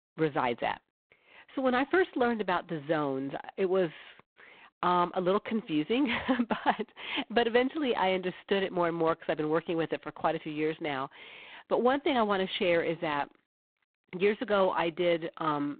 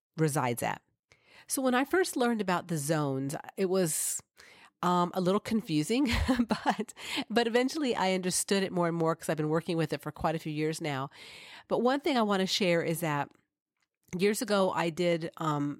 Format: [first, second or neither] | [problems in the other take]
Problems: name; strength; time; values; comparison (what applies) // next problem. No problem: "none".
second | phone-call audio; poor line; nothing above 3.5 kHz